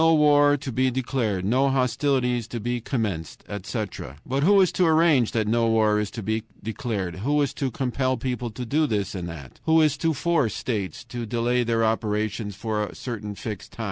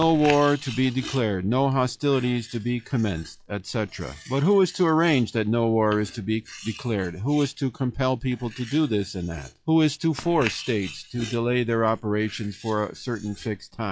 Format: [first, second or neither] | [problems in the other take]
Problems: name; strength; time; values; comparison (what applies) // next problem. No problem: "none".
first | noise reduction (classical method log-MMSE)